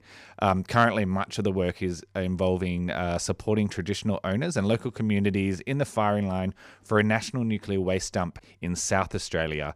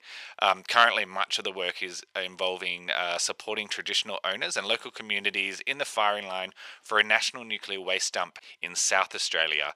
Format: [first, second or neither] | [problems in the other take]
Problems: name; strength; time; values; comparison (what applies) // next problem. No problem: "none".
first | thin; very; fading below 750 Hz